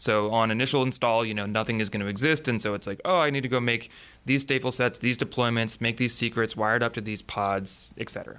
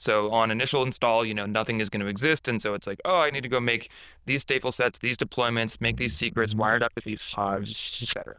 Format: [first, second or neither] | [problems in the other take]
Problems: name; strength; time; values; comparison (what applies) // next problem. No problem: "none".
first | noise reduction (neural diffusion model UNIVERSE++)